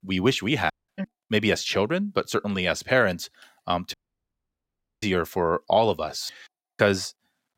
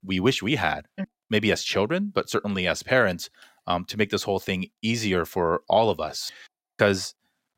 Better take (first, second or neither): second